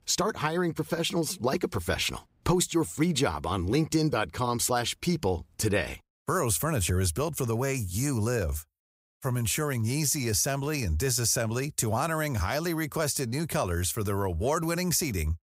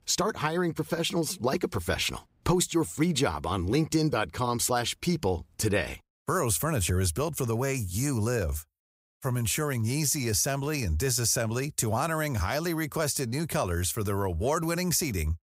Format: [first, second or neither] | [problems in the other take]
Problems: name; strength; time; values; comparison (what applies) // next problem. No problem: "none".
neither | none